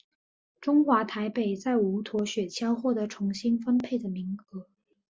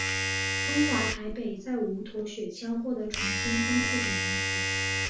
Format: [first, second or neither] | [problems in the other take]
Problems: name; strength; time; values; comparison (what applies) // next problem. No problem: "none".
first | background sound (Domestic sounds, home sounds); 2 dB above the speech // room echo; dies away in 0.3 s